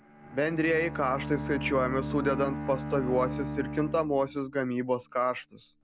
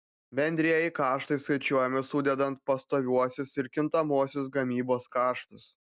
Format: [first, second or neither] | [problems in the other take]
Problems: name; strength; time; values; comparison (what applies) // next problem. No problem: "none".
second | background sound (Bowed string instrument); 8 dB below the speech